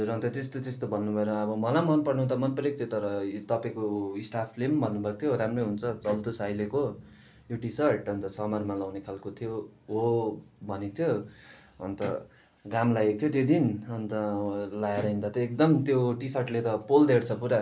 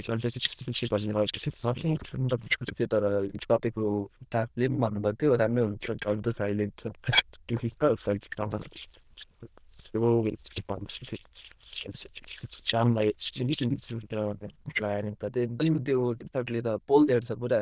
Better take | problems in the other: first | noise reduction (neural diffusion model UNIVERSE++)

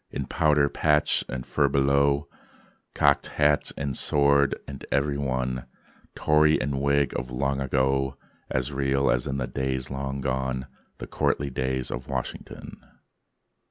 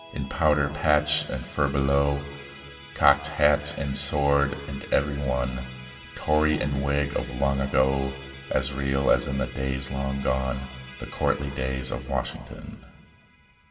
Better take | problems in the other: first | background sound (Musical instrument); 19 dB below the speech // room echo; dies away in 1.7 s

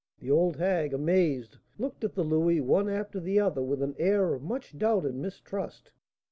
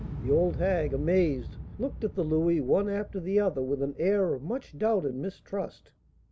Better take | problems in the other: first | background sound (Explosion); 12 dB below the speech

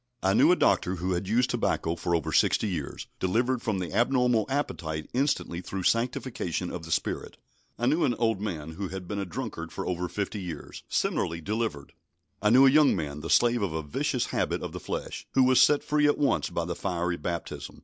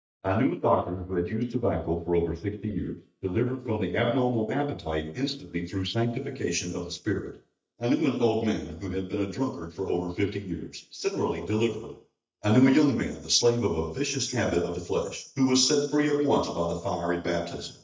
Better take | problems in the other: first | noise reduction (neural mask model DeepFilterNet 3)

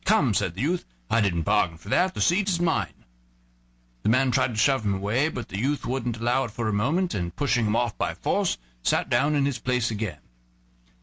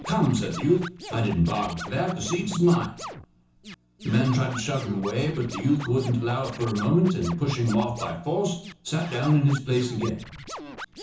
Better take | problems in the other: first | background sound (Scratching (performance technique)); 14 dB below the speech // room echo; dies away in 0.6 s

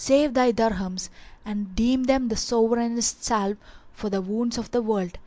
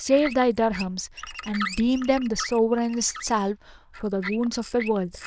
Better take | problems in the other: first | noise reduction (neural diffusion model UNIVERSE++)

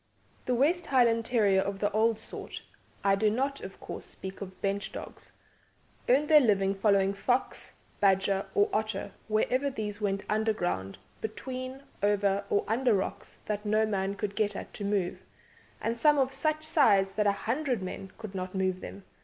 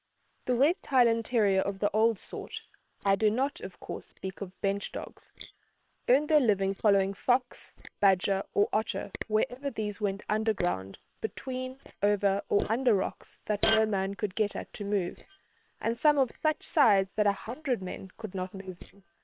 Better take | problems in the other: first | noise reduction (neural separator model SepFormer WHAM!)

